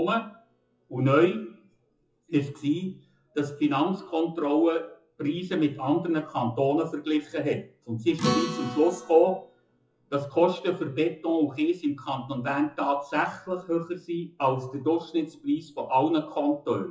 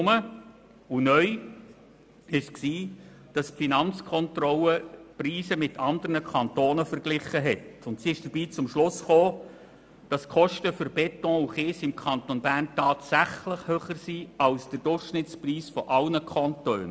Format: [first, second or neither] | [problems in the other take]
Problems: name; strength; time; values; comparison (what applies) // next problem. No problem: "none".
second | noise reduction (classical method WPE with log-MMSE)